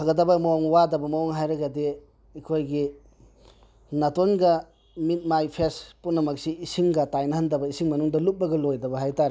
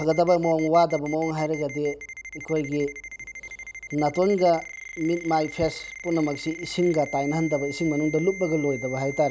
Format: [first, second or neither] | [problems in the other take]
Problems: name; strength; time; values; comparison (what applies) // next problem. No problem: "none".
first | background sound (Ringtone); 14 dB below the speech